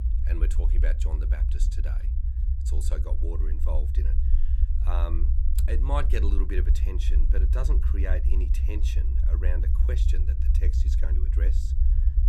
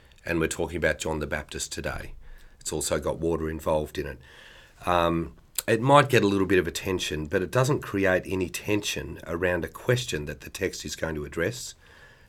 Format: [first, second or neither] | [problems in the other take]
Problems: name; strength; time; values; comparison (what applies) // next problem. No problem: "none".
second | low rumble; loud; throughout; 6 dB below the speech